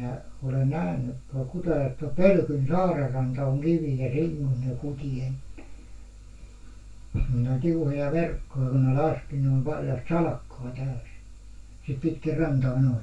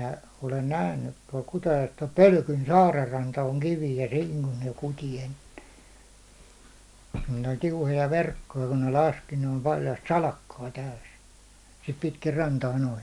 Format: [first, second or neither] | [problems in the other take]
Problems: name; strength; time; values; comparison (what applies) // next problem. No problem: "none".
second | room echo; dies away in 0.2 s